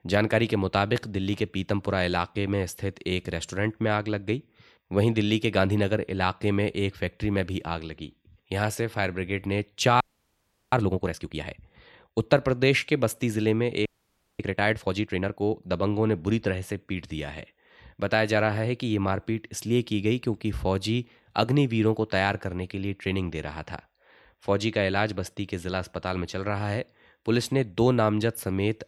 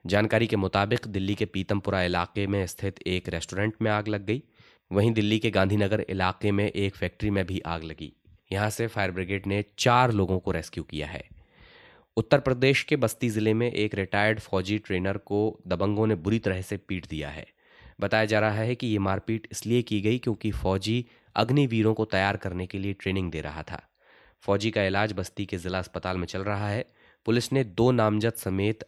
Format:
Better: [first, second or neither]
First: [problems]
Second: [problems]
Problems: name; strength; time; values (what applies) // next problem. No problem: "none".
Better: second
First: audio freezing; at 10 s for 0.5 s and at 14 s for 0.5 s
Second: none